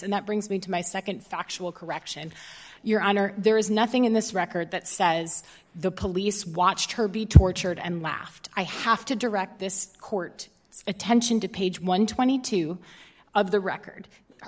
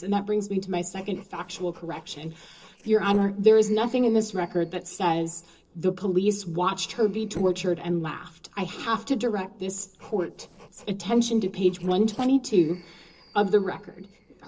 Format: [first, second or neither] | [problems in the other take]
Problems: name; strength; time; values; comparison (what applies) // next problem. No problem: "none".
first | noise reduction (neural separator model SepFormer DNS4)